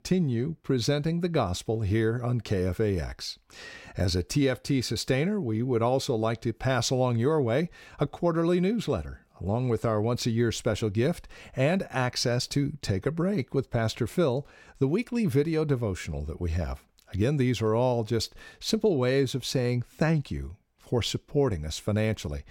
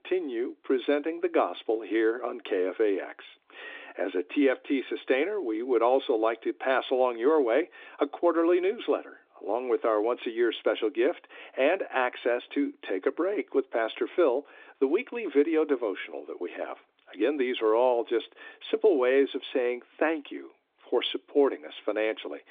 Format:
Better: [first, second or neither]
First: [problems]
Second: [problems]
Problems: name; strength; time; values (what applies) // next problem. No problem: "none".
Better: first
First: none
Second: phone-call audio